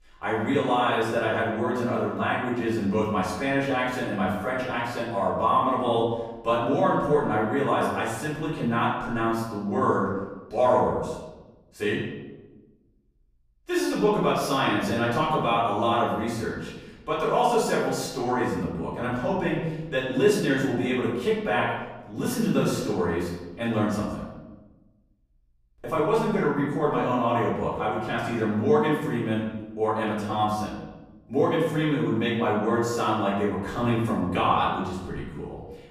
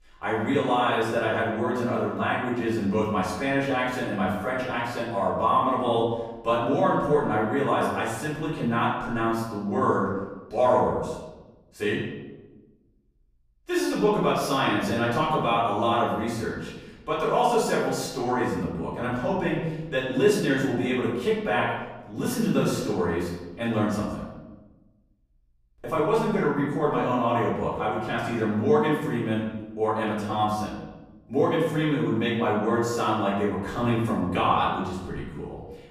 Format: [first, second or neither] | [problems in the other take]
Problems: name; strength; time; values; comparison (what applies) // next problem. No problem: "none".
neither | off-mic speech; far; the same in both // room echo; noticeable; dies away in 1 s; the same in both